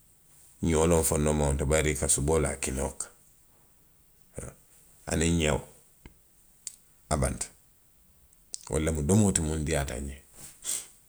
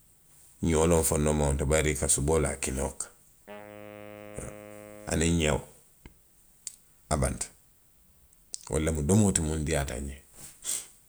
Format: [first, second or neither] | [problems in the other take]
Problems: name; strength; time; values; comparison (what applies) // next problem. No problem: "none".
first | background sound (Wind instrument, woodwind instrument); 19 dB below the speech